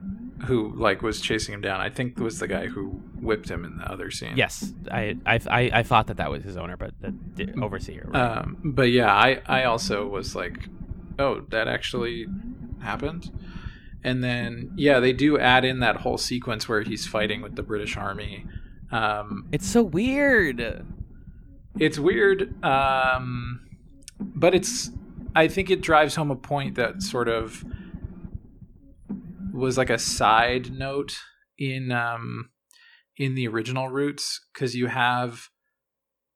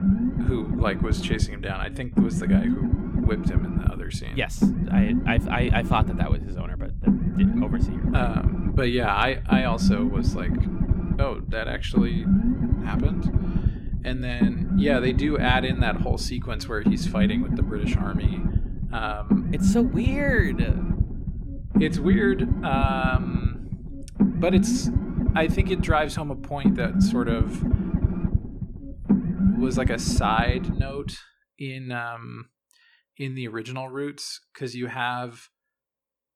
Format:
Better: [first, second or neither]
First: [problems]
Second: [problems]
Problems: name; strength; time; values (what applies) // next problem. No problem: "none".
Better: first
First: low rumble; faint; until 31 s; 25 dB below the speech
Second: low rumble; loud; until 31 s; 4 dB below the speech